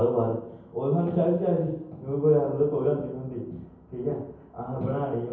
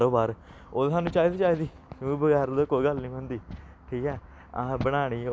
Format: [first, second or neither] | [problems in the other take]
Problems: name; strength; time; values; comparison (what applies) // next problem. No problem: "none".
second | room echo; dies away in 0.9 s